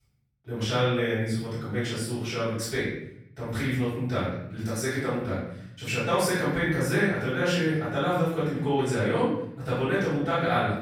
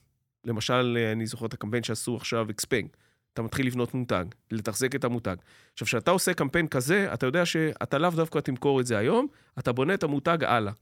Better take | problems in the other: second | room echo; strong; dies away in 0.7 s // off-mic speech; far

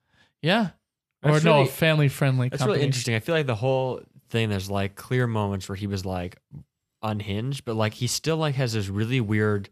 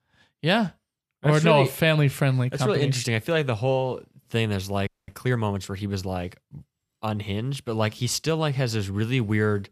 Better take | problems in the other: first | audio freezing; at 5 s

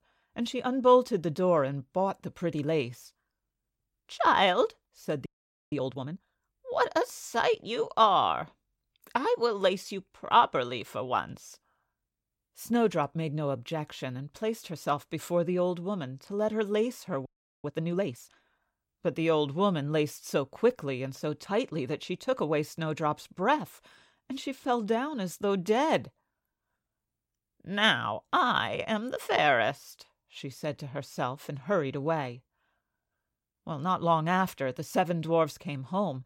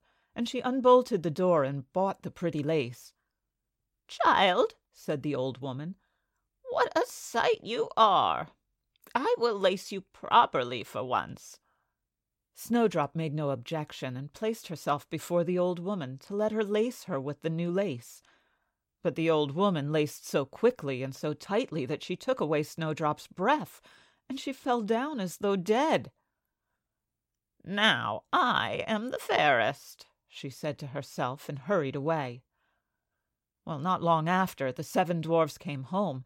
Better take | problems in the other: second | audio freezing; at 5.5 s and at 17 s

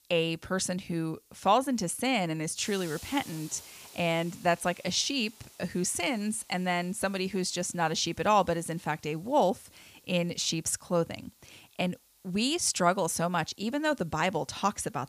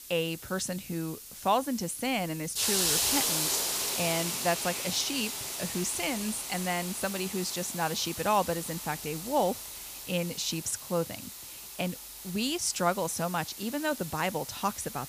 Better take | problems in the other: first | hiss; loud; throughout; 1 dB below the speech; faint in the first

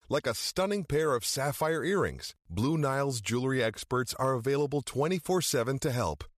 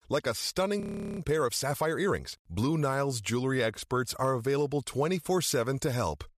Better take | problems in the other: first | audio freezing; at 1 s

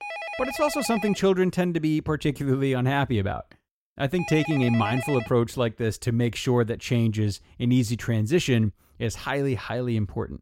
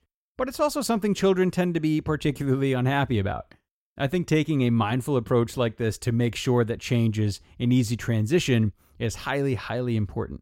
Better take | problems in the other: second | phone ringing; noticeable; until 5.5 s; peak 7 dB below the speech

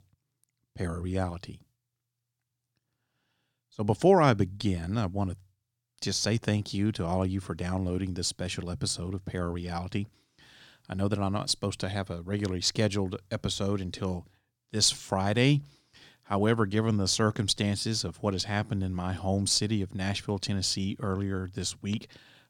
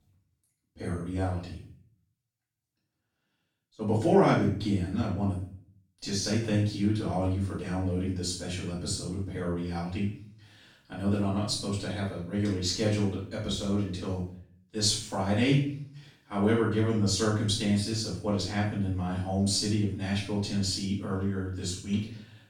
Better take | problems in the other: first | off-mic speech; far // room echo; noticeable; dies away in 0.5 s

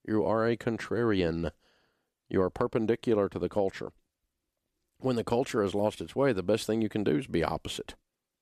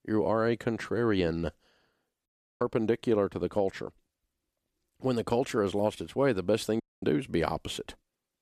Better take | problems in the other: first | audio cutting out; at 2.5 s and at 7 s

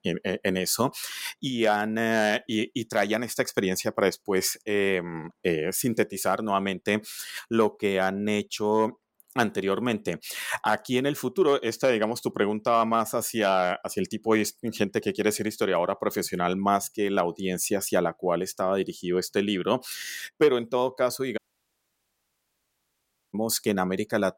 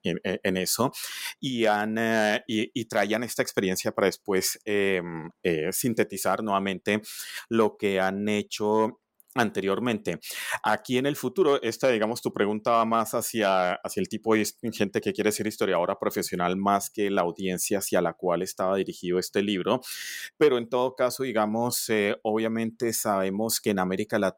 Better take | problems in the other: second | audio cutting out; at 21 s for 2 s

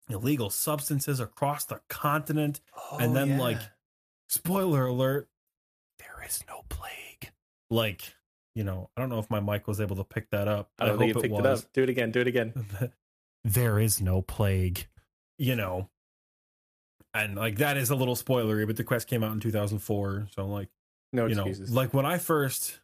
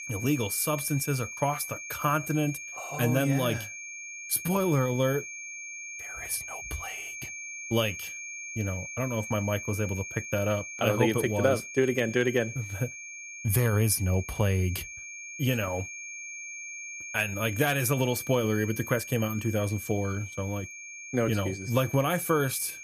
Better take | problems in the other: first | high-pitched whine; loud; throughout; 2.5 kHz, 10 dB below the speech

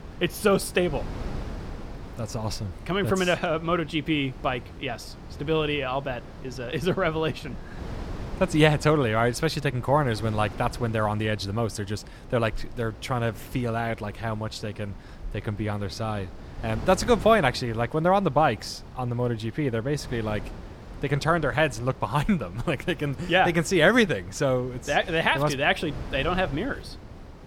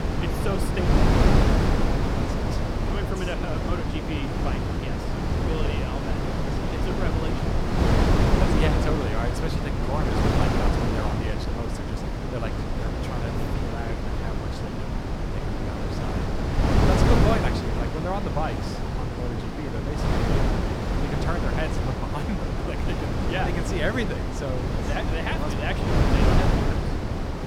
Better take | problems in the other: first | wind noise on the microphone; heavy; 4 dB above the speech; occasional gusts in the first

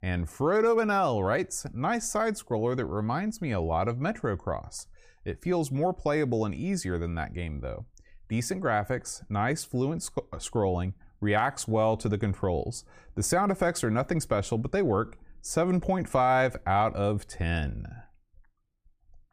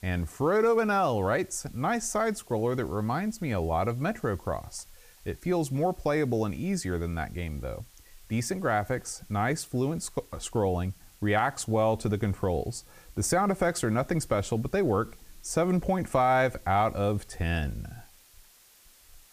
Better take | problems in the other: first | hiss; faint; throughout; 25 dB below the speech

